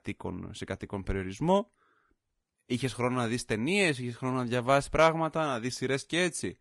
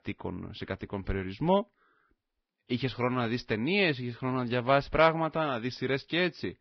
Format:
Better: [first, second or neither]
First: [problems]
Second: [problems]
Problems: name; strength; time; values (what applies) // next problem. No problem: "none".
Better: first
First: garbled, watery; slightly; nothing above 10.5 kHz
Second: garbled, watery; badly; nothing above 5.5 kHz